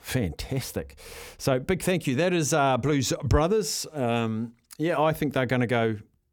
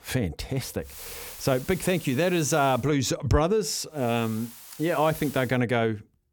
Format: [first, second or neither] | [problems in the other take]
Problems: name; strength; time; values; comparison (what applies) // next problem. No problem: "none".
first | hiss; noticeable; from 1 to 3 s and from 4 to 5.5 s; 15 dB below the speech